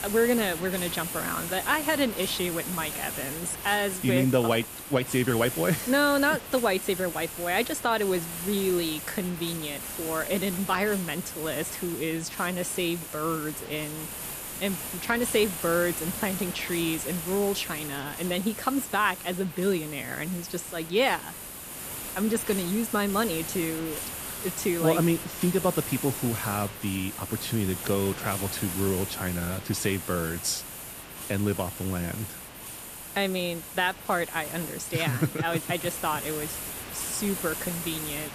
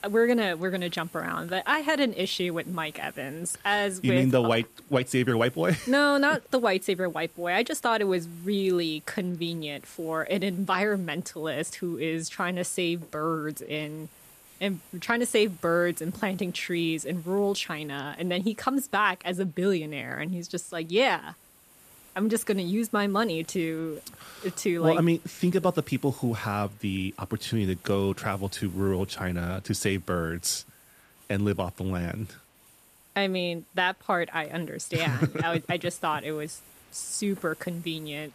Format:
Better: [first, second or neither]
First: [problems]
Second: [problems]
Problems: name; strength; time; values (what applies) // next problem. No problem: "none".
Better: second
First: hiss; loud; throughout; 6 dB below the speech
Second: hiss; faint; throughout; 25 dB below the speech